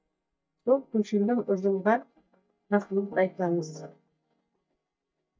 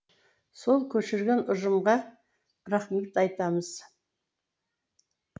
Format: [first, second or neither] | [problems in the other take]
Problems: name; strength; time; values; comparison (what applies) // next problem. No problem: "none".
second | noise reduction (neural mask model DeepFilterNet 3)